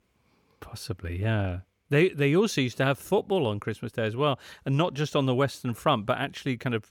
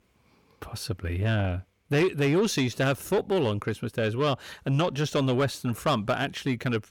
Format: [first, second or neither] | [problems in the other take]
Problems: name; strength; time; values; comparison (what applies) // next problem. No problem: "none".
first | distortion; slight; 10 dB below the speech